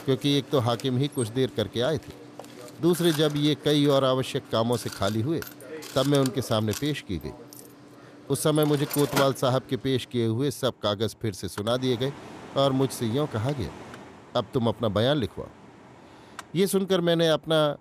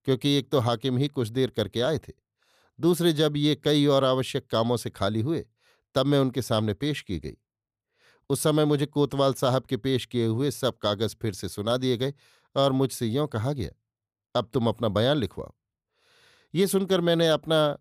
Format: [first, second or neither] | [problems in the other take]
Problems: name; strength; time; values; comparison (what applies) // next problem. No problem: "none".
second | machinery noise; noticeable; throughout; 15 dB below the speech